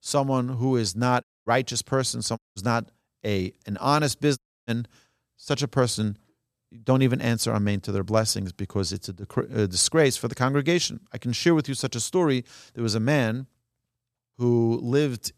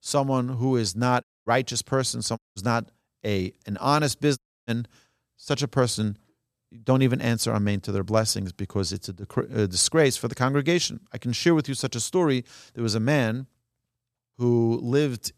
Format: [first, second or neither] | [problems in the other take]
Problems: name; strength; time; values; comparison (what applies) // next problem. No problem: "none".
neither | audio cutting out; at 1 s, at 2.5 s and at 4.5 s; the same in both